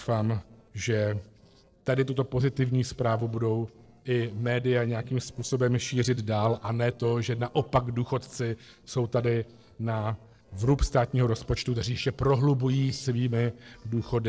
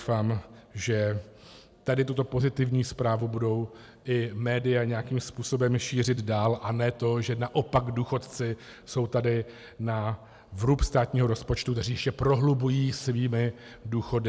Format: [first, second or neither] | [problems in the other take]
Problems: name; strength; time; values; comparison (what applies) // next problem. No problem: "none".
second | noise reduction (neural separator model SepFormer DNS4)